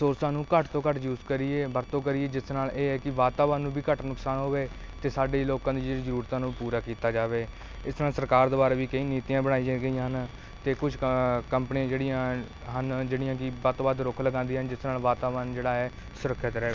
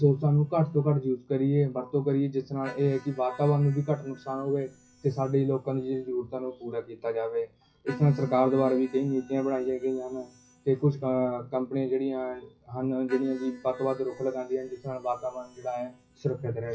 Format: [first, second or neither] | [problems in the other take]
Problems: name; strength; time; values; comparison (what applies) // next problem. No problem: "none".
first | noise reduction (classical method WPE with log-MMSE)